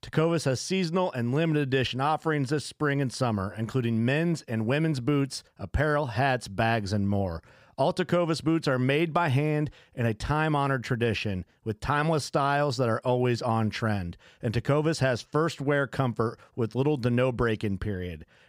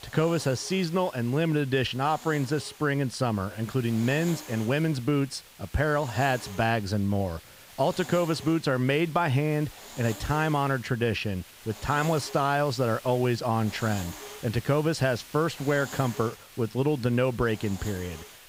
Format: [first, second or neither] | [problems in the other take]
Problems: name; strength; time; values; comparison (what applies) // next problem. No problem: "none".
first | hiss; noticeable; throughout; 15 dB below the speech